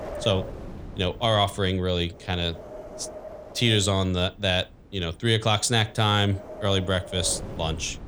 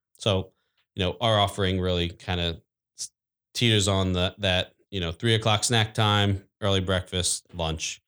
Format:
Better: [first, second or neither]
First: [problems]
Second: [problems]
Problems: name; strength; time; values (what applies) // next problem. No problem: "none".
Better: second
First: wind noise on the microphone; occasional gusts; 15 dB below the speech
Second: none